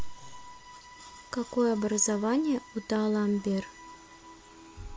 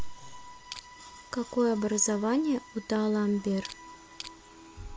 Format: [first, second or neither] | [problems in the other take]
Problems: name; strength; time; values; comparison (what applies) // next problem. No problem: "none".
first | background sound (Crushing); 15 dB below the speech